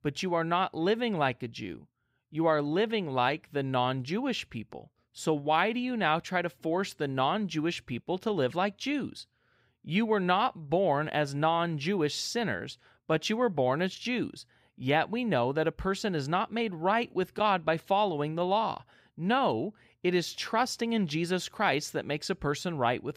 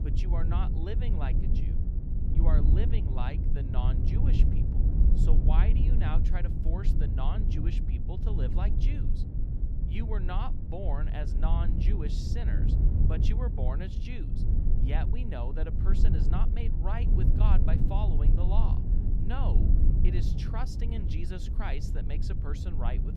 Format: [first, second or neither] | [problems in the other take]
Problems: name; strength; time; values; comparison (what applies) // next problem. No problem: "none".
first | low rumble; loud; throughout; 2 dB below the speech